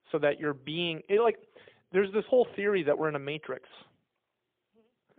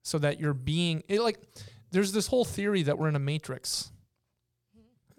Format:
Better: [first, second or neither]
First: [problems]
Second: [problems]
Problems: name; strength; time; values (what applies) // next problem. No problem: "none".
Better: second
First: phone-call audio; poor line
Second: none